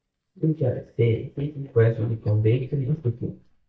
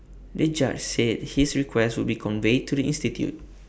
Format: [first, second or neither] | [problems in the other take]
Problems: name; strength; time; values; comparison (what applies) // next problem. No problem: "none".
second | noise reduction (neural mask model DeepFilterNet 3)